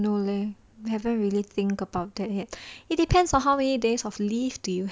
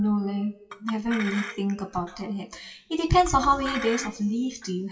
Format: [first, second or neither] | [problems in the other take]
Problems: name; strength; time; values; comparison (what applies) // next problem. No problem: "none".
first | noise reduction (classical method WPE with log-MMSE)